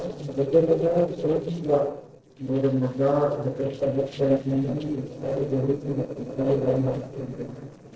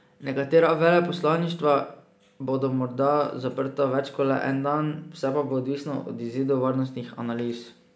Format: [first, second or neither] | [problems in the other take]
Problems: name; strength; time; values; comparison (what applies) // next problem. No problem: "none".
second | noise reduction (neural separator model SepFormer DNS4)